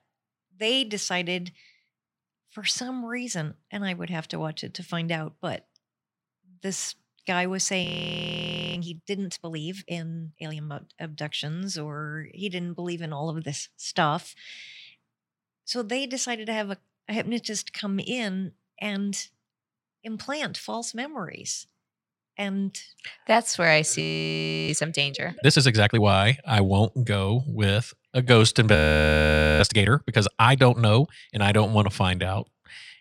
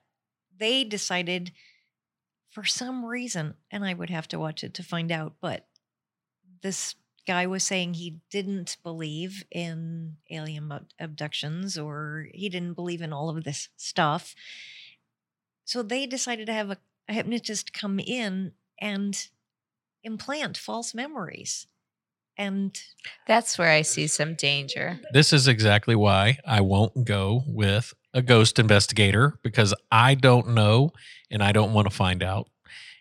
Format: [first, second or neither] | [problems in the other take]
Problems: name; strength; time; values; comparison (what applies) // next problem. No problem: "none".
second | audio freezing; at 8 s for 1 s, at 24 s for 0.5 s and at 29 s for 1 s